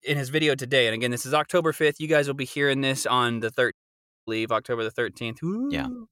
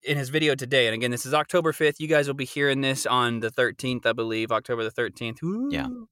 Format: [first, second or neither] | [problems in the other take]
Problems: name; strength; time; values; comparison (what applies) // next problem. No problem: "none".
second | audio cutting out; at 3.5 s for 0.5 s